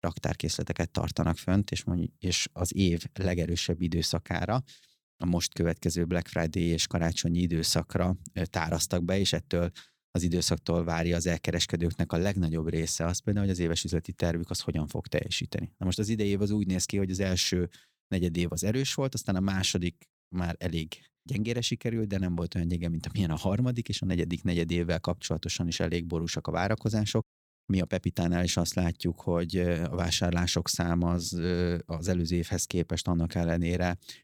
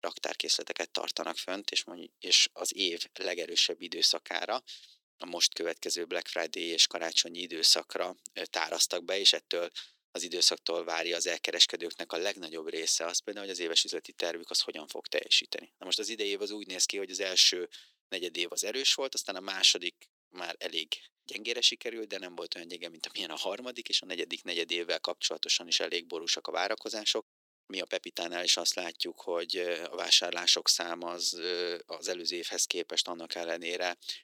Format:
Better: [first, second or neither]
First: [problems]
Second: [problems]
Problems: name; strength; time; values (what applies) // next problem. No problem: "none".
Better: first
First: none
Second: thin; very; fading below 350 Hz